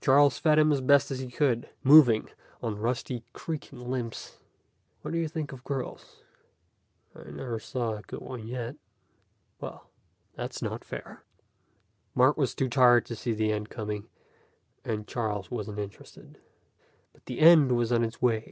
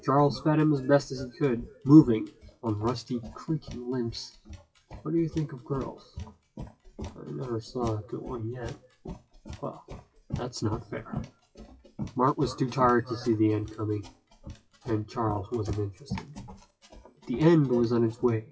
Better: first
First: none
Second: noise reduction (classical method WPE with log-MMSE)

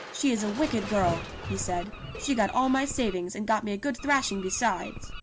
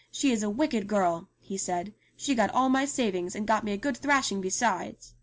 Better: second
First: background sound (Bird + Crushing); 10 dB below the speech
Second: none

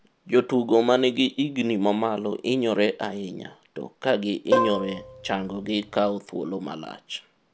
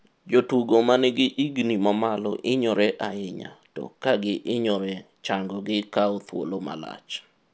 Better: second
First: background sound (Plucked string instrument); 2 dB below the speech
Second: none

